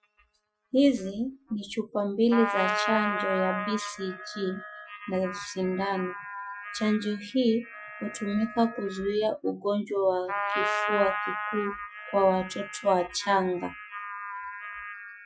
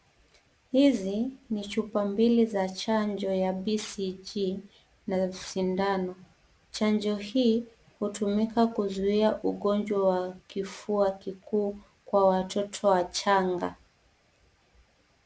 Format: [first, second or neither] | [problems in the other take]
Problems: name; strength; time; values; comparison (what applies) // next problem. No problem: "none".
second | noise reduction (classical method Wiener filter)